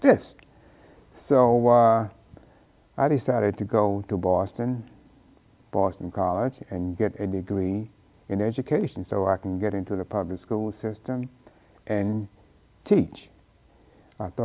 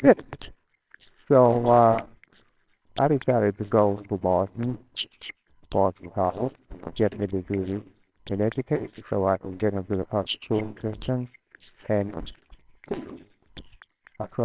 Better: first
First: none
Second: noise reduction (neural separator model SepFormer WHAMR!)

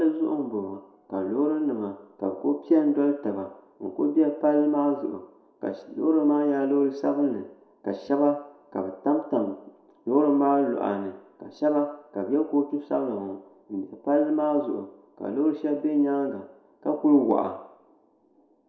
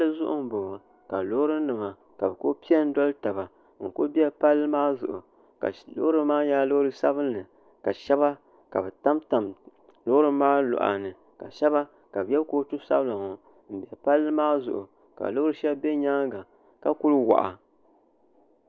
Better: second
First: room echo; dies away in 0.6 s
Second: none

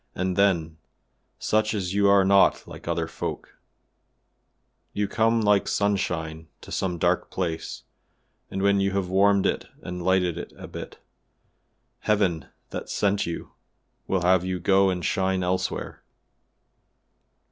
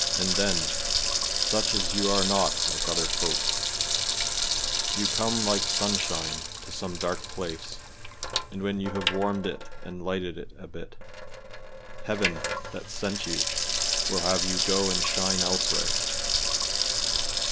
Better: first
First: none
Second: background sound (Sink (filling or washing) / Water tap, faucet); 4 dB above the speech

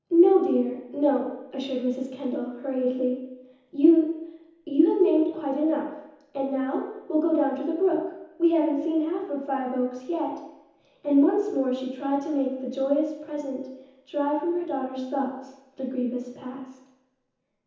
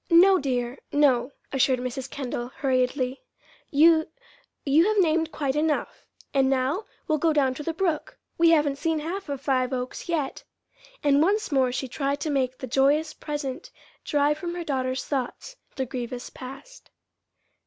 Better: second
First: room echo; dies away in 1 s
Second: none

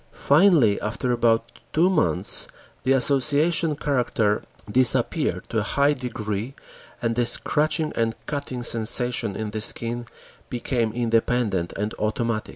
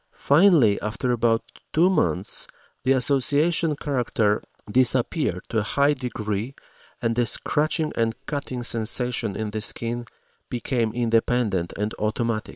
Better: first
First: none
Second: noise reduction (neural separator model SepFormer WHAM!)

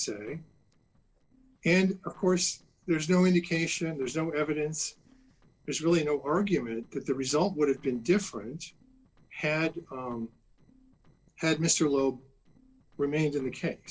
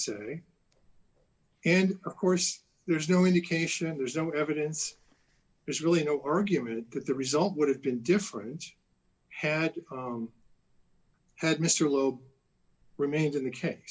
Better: second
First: noise reduction (neural separator model SepFormer DNS4)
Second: none

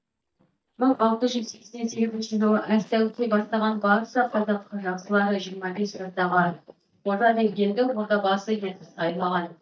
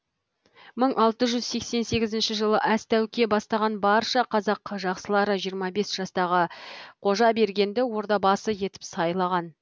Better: second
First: noise reduction (neural mask model DeepFilterNet 3)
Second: none

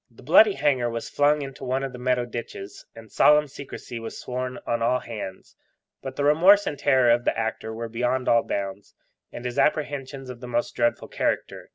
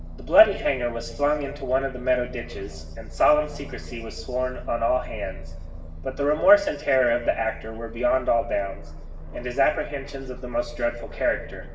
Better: first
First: none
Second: background sound (Aircraft); 11 dB below the speech // room echo; dies away in 0.7 s

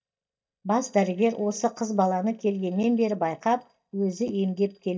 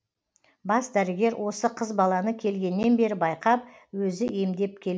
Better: second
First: noise reduction (neural mask model DeepFilterNet 3)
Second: none

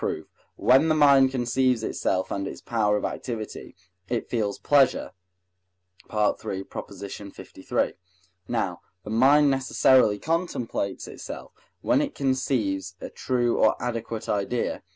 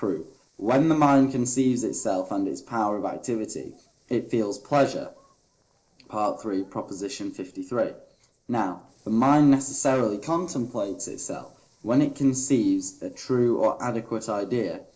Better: first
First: none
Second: noise reduction (neural separator model SepFormer DNS4)

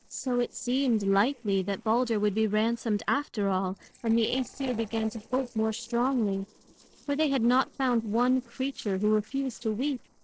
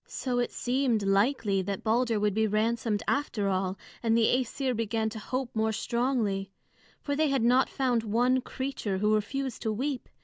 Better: second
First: noise reduction (neural separator model SepFormer DNS4)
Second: none

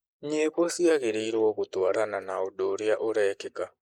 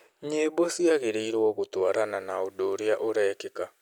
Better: second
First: noise reduction (neural mask model Resemble Enhance denoiser)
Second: none

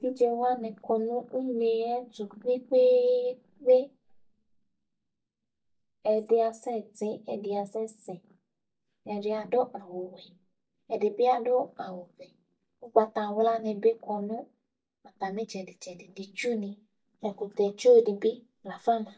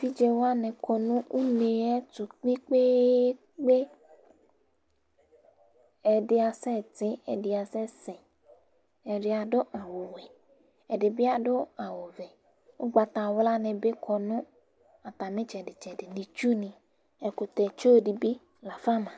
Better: second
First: noise reduction (neural mask model DeepFilterNet 3)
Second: none

